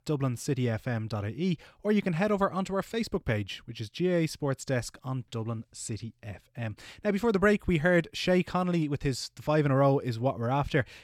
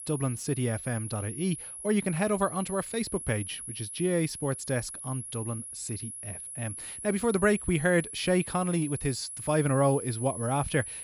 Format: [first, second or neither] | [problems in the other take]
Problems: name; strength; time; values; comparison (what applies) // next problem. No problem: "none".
first | high-pitched whine; loud; throughout; 10.5 kHz, 8 dB below the speech